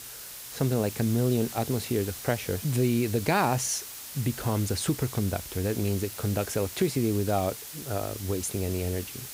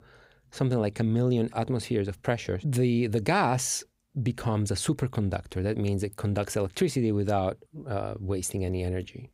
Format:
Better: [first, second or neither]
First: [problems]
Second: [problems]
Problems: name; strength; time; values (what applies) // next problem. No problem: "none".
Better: second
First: hiss; loud; throughout; 9 dB below the speech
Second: none